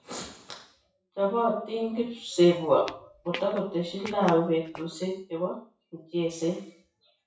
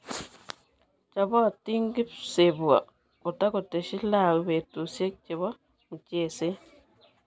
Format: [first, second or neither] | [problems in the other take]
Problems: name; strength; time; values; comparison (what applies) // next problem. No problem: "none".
second | noise reduction (classical method WPE with log-MMSE)